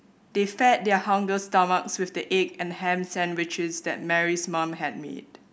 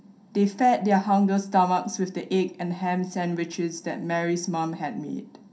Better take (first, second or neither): first